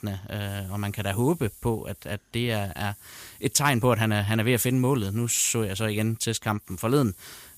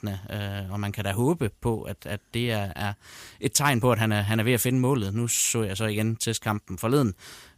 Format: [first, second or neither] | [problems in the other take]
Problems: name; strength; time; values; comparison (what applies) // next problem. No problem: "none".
second | hiss; faint; throughout; 20 dB below the speech